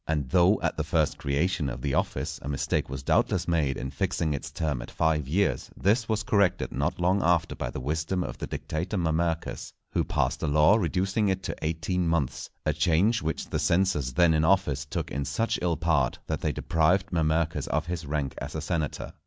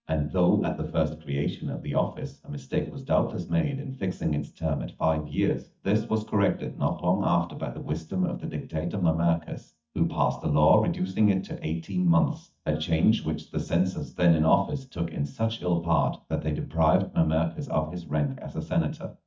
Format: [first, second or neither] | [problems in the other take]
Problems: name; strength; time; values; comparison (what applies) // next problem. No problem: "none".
first | noise reduction (neural mask model DeepFilterNet 3)